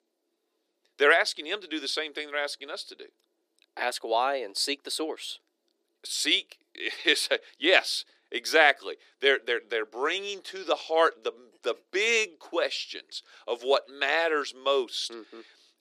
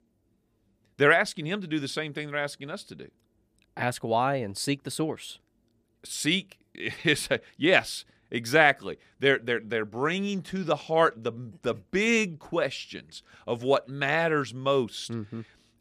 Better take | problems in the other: second | thin; somewhat; fading below 350 Hz

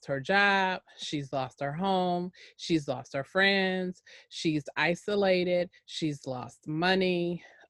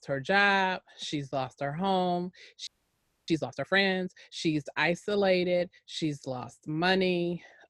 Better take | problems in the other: first | audio freezing; at 2.5 s for 0.5 s

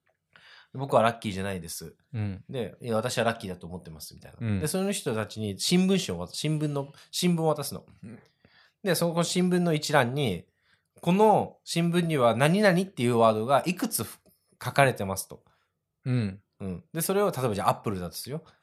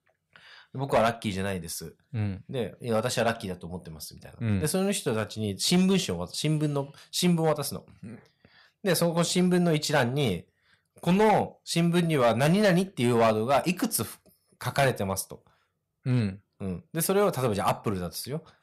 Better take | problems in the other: first | distortion; slight; 3% of the sound clipped

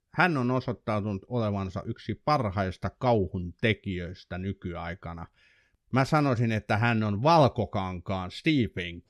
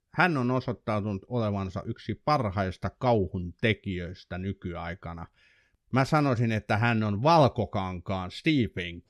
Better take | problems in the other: neither | none

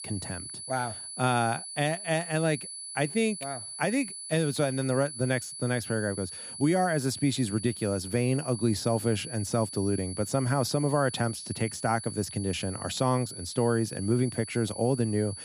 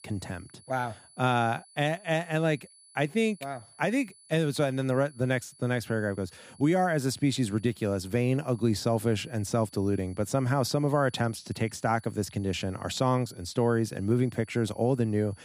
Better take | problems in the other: second | high-pitched whine; loud; throughout; 10 kHz, 9 dB below the speech; faint in the second

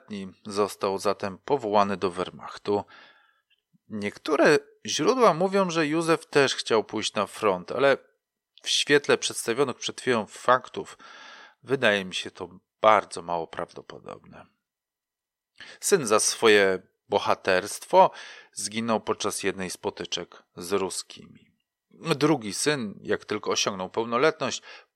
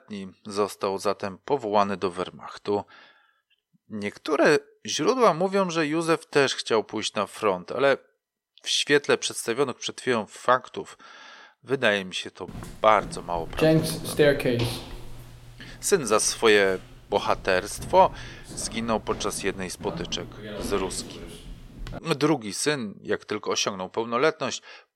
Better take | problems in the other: first | footsteps; loud; from 13 to 22 s; peak 4 dB above the speech

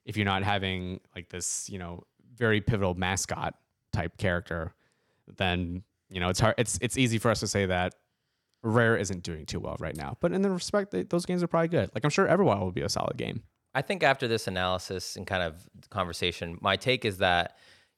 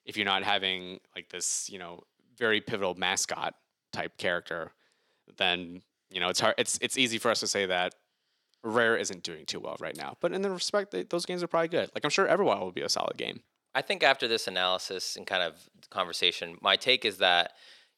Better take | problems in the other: first | thin; somewhat; fading below 300 Hz

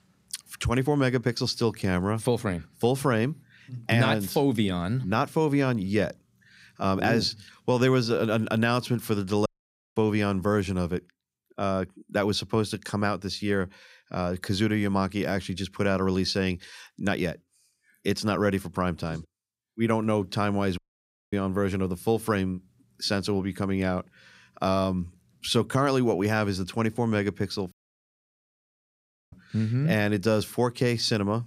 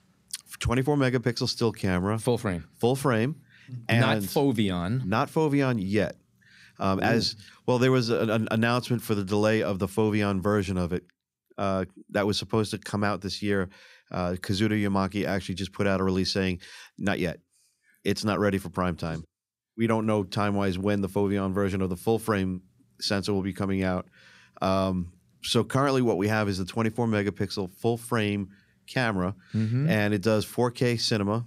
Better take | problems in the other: second | audio cutting out; at 9.5 s for 0.5 s, at 21 s for 0.5 s and at 28 s for 1.5 s

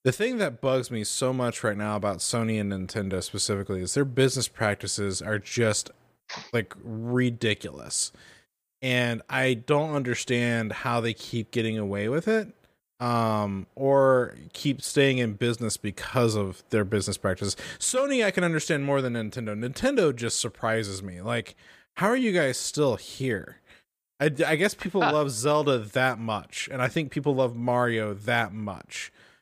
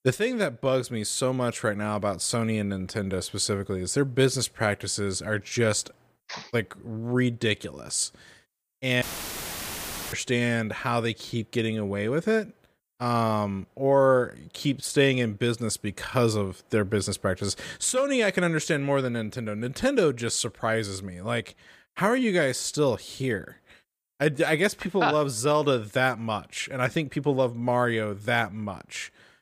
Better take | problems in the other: first | audio cutting out; filled with static; at 9 s for 1 s

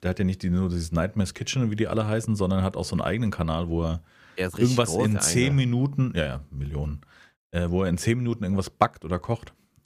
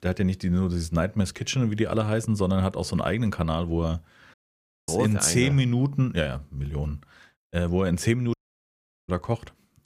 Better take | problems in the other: first | audio cutting out; at 4.5 s for 0.5 s and at 8.5 s for 0.5 s

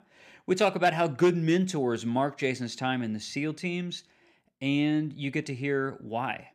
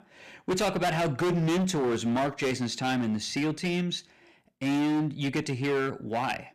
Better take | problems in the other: first | distortion; heavy; 20% of the sound clipped

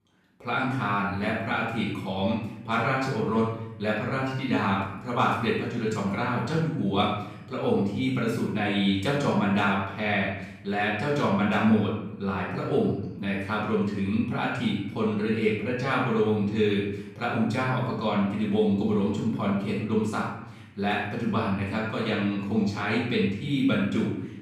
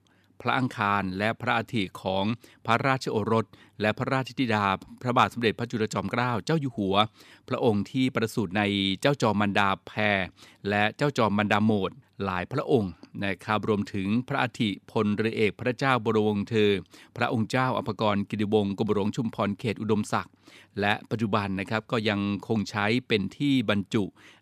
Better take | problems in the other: second | off-mic speech; far // room echo; noticeable; dies away in 0.9 s

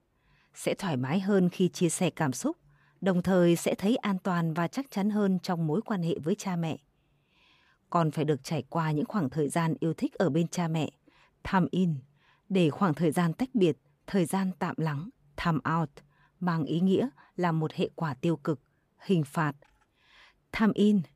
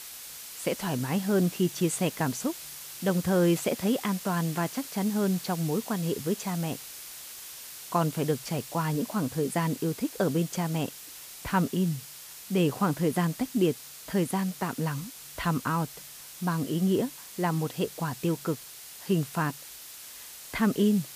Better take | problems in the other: first | hiss; noticeable; throughout; 10 dB below the speech

